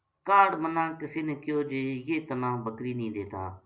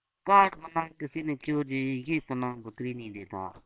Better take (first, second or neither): first